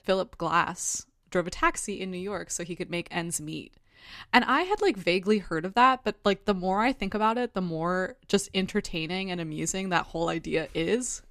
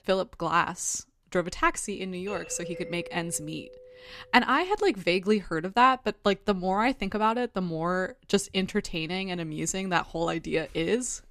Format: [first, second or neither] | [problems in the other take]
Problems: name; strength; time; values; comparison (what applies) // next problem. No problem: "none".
first | doorbell; faint; from 2.5 to 4.5 s; peak 10 dB below the speech